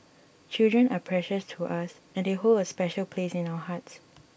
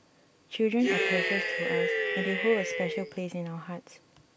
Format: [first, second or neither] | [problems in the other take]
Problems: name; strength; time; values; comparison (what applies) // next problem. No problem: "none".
first | background sound (Cheering); 2 dB above the speech